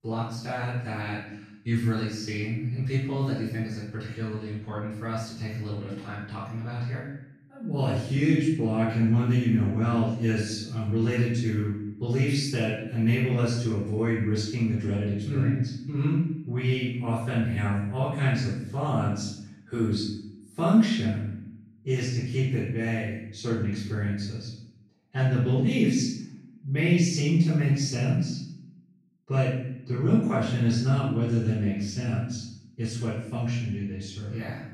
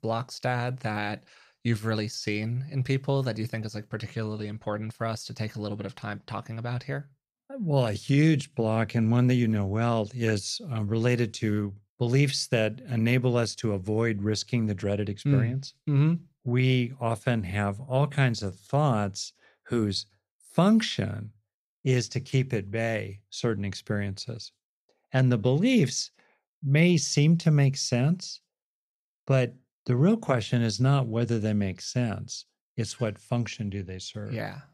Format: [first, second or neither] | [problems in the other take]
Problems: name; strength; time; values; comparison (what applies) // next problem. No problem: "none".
second | off-mic speech; far // room echo; noticeable; dies away in 0.7 s